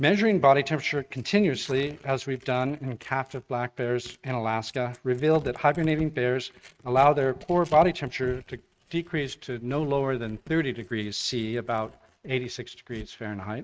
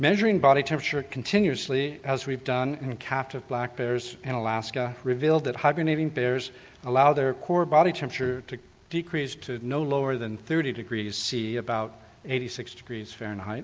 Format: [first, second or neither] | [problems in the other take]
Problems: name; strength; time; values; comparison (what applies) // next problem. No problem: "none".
second | noise reduction (neural mask model RNNoise)